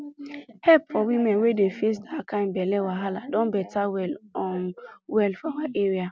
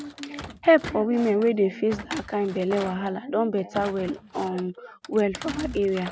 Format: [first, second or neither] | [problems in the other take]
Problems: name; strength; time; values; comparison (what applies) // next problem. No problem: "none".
first | background sound (Thump, thud); 15 dB below the speech